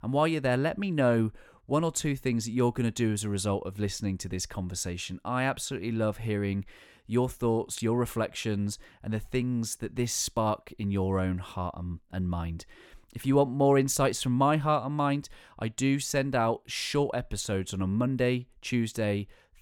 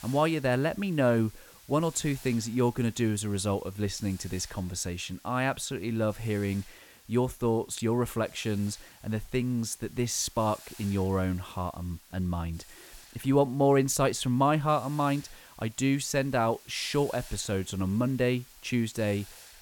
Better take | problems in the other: first | hiss; faint; throughout; 20 dB below the speech

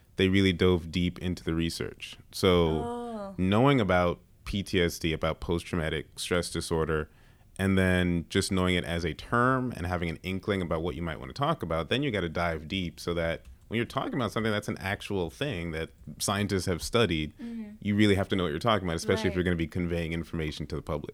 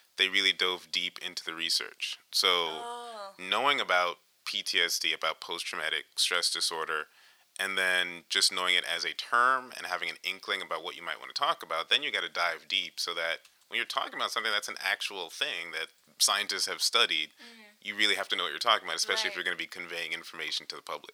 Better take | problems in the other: first | thin; very; fading below 950 Hz

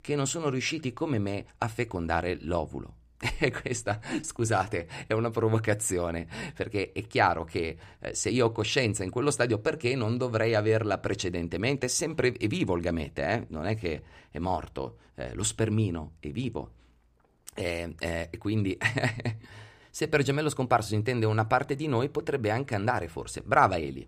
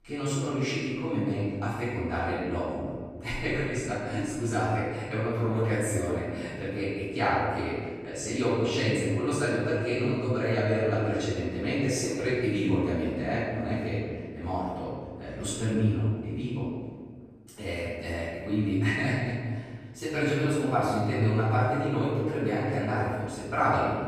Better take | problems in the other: first | room echo; strong; dies away in 1.6 s // off-mic speech; far

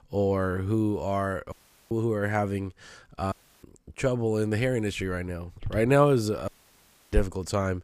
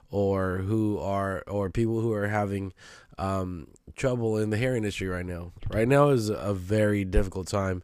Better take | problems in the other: second | audio cutting out; at 1.5 s, at 3.5 s and at 6.5 s for 0.5 s

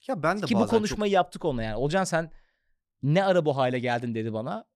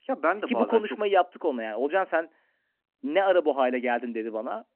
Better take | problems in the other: first | phone-call audio

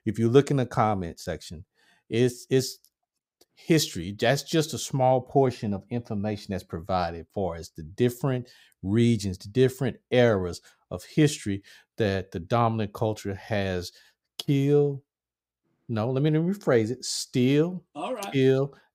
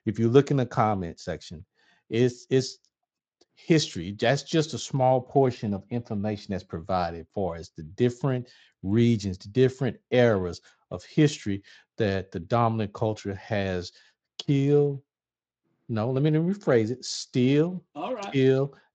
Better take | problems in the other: first | garbled, watery; slightly; nothing above 7.5 kHz

